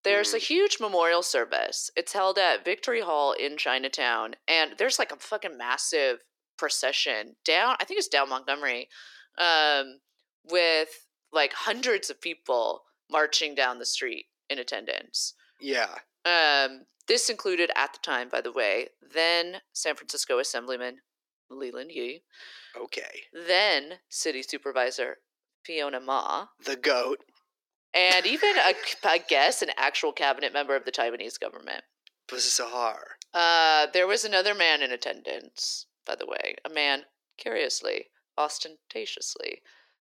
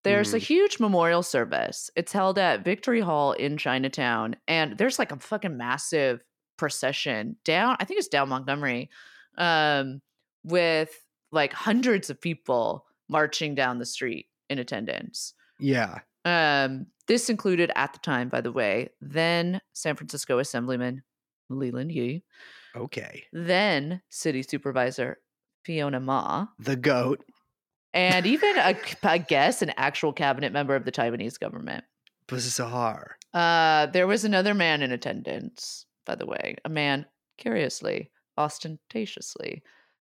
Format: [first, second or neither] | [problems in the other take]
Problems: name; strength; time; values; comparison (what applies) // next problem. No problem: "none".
second | thin; very; fading below 350 Hz